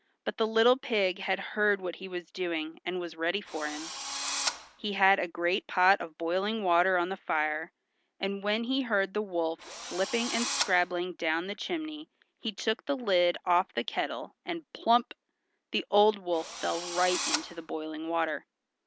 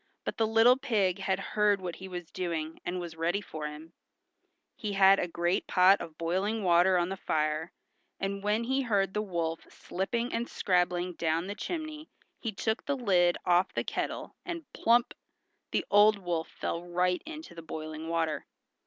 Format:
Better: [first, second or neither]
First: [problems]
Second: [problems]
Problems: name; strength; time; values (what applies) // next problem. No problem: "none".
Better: second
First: background sound (Drill); 6 dB below the speech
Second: none